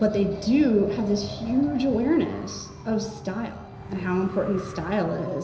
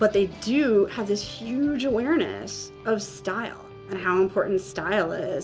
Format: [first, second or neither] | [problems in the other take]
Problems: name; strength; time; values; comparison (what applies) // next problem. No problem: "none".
second | background sound (Wind); 15 dB below the speech // room echo; dies away in 0.9 s